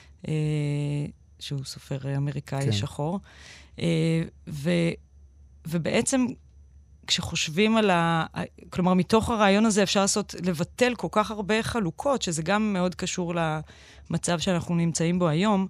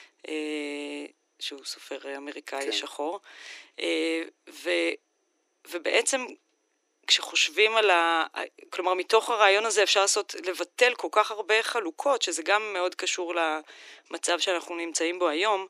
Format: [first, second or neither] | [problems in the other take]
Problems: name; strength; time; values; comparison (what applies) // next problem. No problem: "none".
first | thin; very; fading below 300 Hz